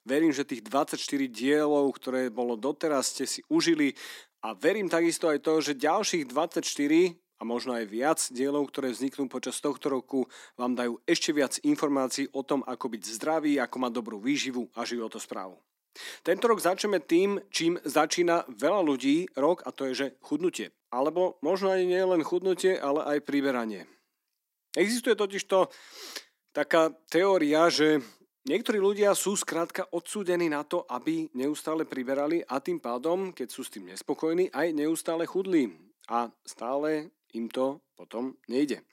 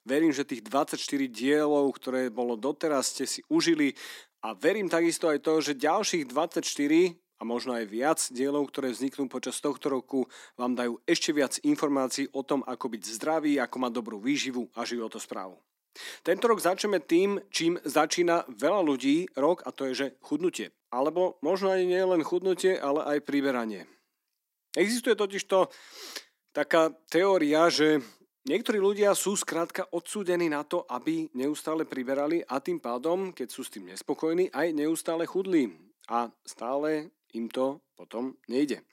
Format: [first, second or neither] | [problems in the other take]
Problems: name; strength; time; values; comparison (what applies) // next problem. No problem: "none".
neither | thin; somewhat; fading below 250 Hz; the same in both